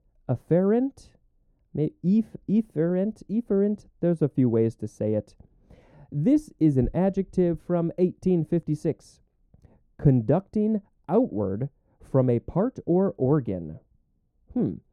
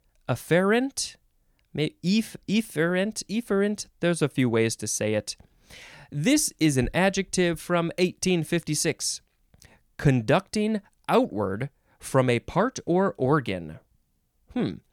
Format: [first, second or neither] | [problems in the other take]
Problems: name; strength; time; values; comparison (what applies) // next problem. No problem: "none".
second | muffled; very; fading above 1 kHz